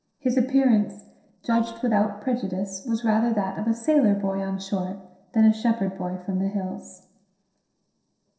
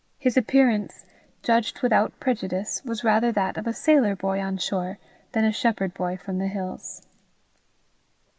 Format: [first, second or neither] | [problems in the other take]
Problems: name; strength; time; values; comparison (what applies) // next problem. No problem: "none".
second | noise reduction (neural separator model SepFormer DNS4)